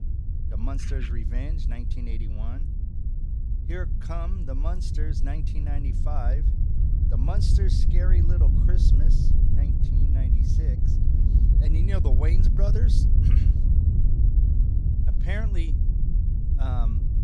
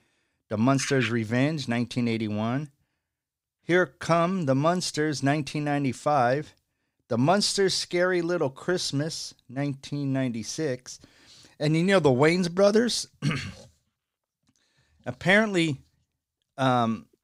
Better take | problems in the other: second | wind noise on the microphone; heavy; 1 dB below the speech

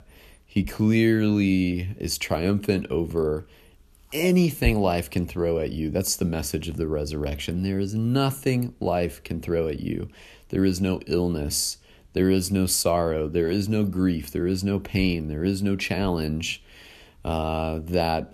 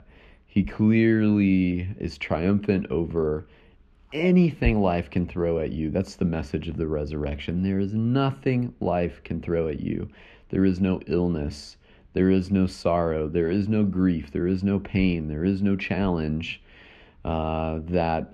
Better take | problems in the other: first | muffled; slightly; fading above 2 kHz

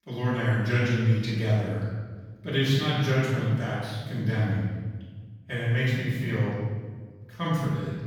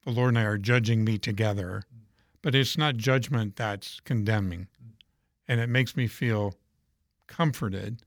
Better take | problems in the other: second | room echo; strong; dies away in 1.4 s // off-mic speech; far

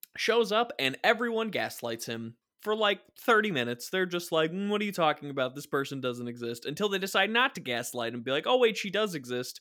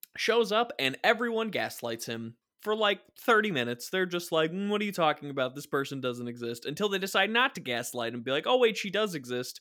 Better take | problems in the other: neither | none

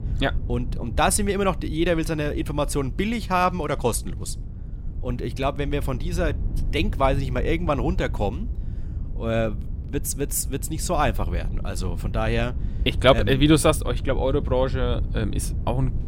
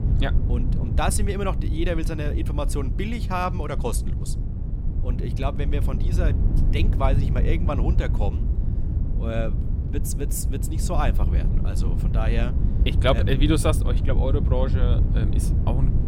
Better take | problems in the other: first | low rumble; loud; throughout; 9 dB below the speech; faint in the first

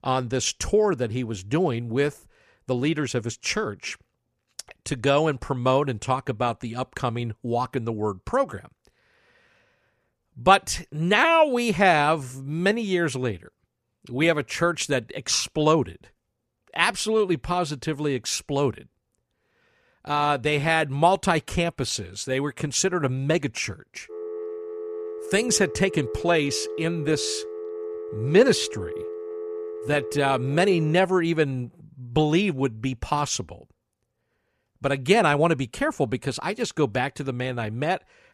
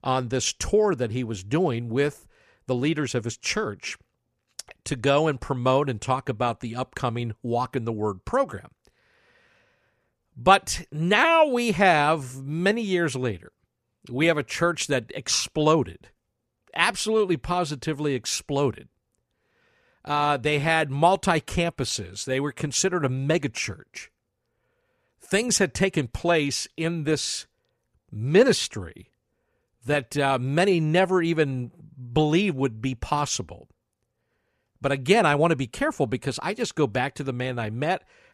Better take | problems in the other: second | phone ringing; noticeable; from 24 to 31 s; peak 9 dB below the speech

